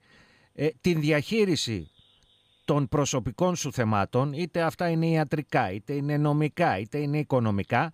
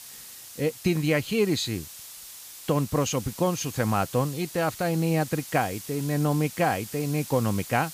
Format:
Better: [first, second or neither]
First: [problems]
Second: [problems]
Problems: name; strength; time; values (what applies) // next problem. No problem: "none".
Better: first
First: none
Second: hiss; noticeable; throughout; 15 dB below the speech